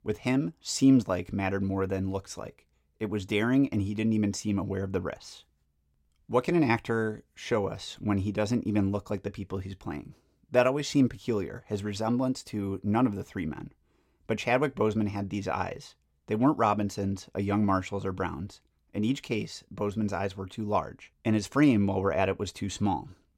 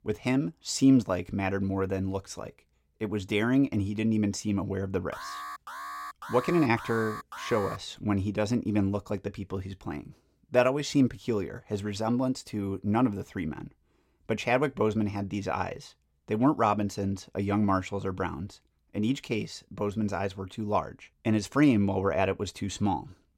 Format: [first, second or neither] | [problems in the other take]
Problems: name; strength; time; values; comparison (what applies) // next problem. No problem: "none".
first | alarm; noticeable; from 5 to 8 s; peak 9 dB below the speech